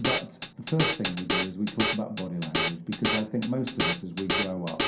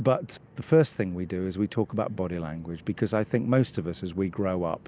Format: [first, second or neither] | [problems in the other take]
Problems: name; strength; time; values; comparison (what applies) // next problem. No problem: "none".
second | background sound (Drum kit); as loud as the speech // room echo; dies away in 0.5 s